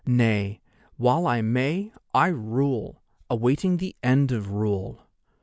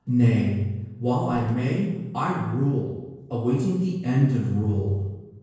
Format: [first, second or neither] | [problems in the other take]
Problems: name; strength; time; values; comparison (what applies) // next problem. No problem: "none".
first | noise reduction (neural separator model SepFormer DNS4)